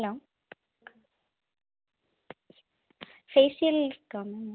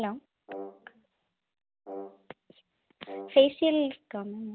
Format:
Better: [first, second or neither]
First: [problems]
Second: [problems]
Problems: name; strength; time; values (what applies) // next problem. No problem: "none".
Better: first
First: none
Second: background sound (Brass instrument); 15 dB below the speech